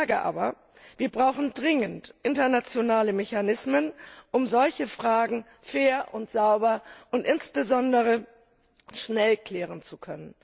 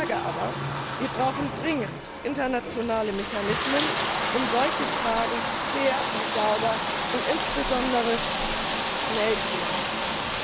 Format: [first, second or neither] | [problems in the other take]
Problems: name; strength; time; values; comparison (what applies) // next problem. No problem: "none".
first | background sound (Bathtub (filling or washing)); 1 dB above the speech